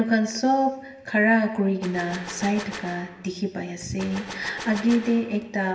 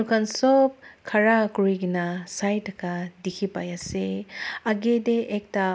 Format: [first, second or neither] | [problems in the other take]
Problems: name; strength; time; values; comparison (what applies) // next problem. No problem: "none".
second | background sound (Gunshot, gunfire); 14 dB below the speech // room echo; dies away in 1 s